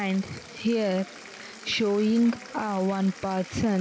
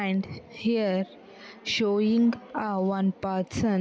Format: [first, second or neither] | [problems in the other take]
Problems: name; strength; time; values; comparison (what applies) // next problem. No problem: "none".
second | background sound (Bathtub (filling or washing)); 19 dB below the speech